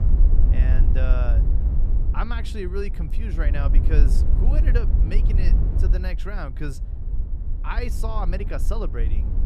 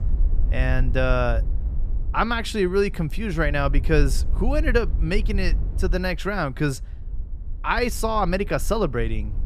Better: second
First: wind noise on the microphone; heavy; 6 dB below the speech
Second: wind noise on the microphone; occasional gusts; 20 dB below the speech

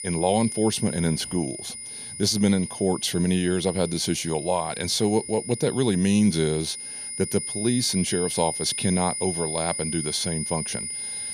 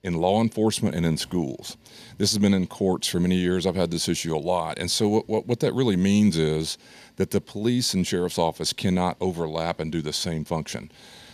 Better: second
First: high-pitched whine; loud; throughout; 9.5 kHz, 6 dB below the speech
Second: none

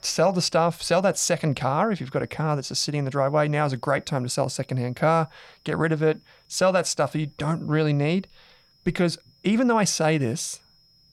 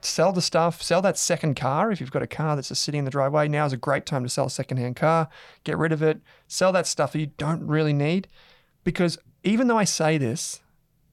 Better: second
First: high-pitched whine; faint; throughout; 5 kHz, 35 dB below the speech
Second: none

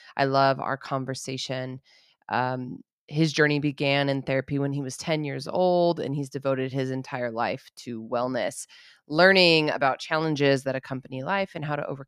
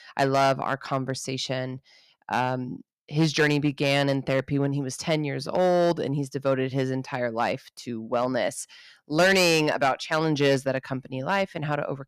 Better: first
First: none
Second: distortion; slight; 3% of the sound clipped

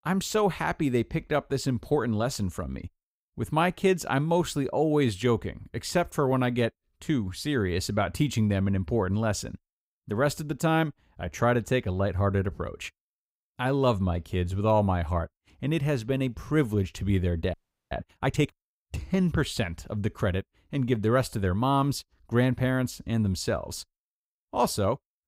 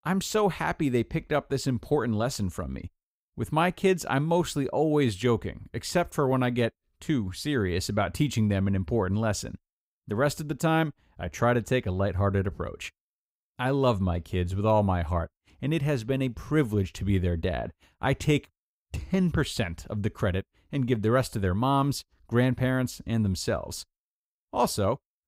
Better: second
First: audio freezing; at 18 s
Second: none

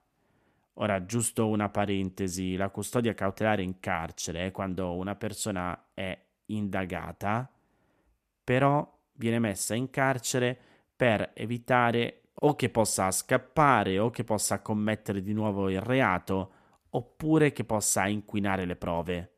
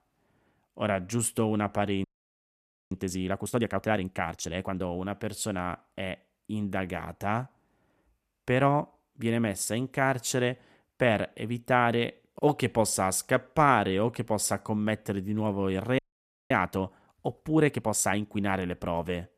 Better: first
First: none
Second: audio freezing; at 2 s for 1 s and at 16 s for 0.5 s

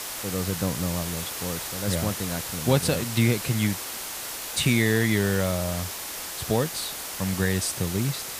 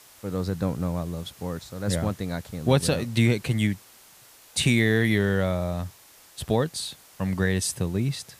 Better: second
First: hiss; loud; throughout; 5 dB below the speech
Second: hiss; faint; throughout; 25 dB below the speech

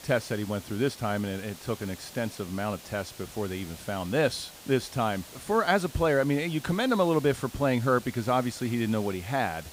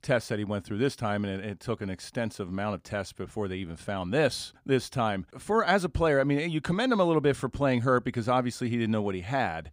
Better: second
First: hiss; noticeable; throughout; 15 dB below the speech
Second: none

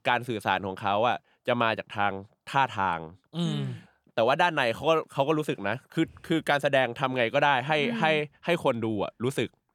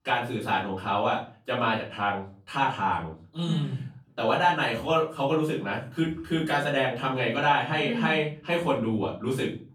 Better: first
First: none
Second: off-mic speech; far // room echo; slight; dies away in 0.3 s

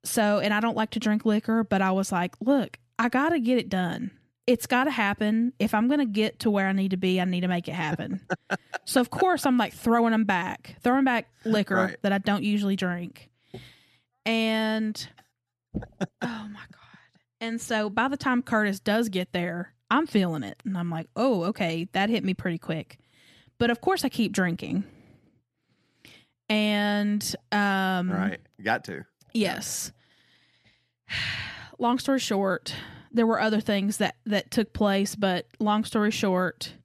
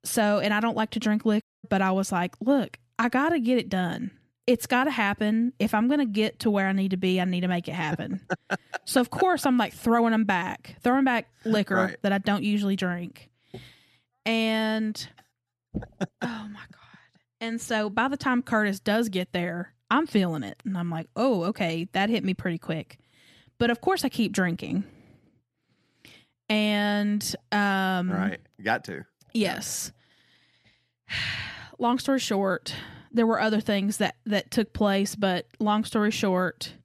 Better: first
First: none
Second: audio cutting out; at 1.5 s

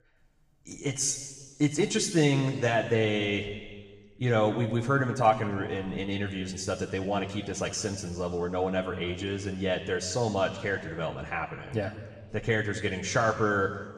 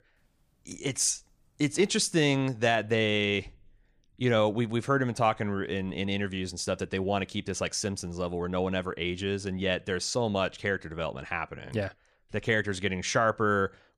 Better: second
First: room echo; slight; dies away in 1.5 s // off-mic speech; somewhat distant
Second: none

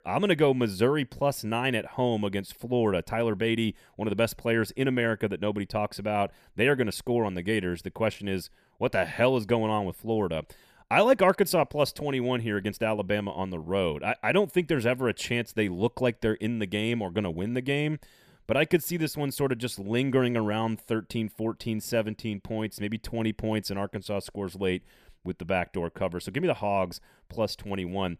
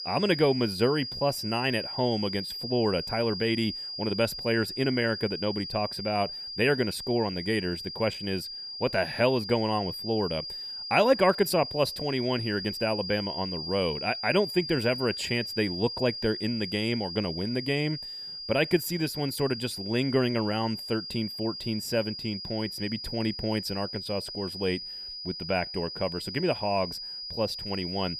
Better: first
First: none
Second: high-pitched whine; loud; throughout; 5 kHz, 6 dB below the speech

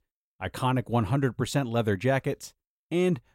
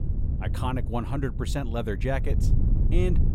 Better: first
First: none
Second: wind noise on the microphone; heavy; 9 dB below the speech

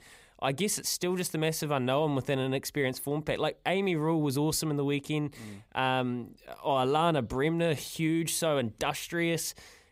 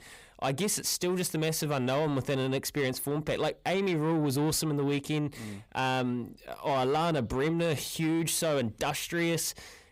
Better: first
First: none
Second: distortion; slight; 10 dB below the speech

